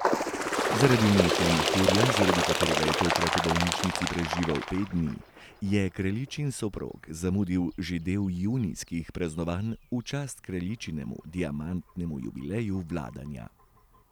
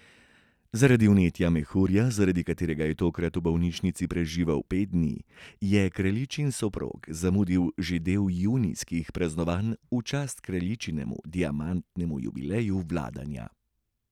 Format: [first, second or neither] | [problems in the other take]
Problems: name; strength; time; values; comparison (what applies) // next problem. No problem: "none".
second | background sound (Bird); 2 dB below the speech